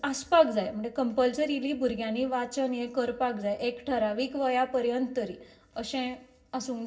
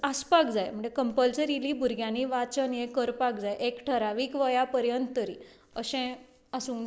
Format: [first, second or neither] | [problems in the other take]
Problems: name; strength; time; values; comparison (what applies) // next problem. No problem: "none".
second | room echo; dies away in 0.4 s